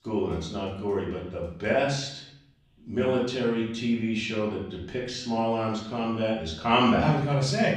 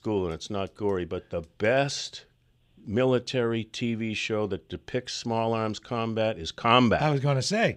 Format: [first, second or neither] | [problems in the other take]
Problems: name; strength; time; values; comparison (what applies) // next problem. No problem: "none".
second | room echo; noticeable; dies away in 0.7 s // off-mic speech; far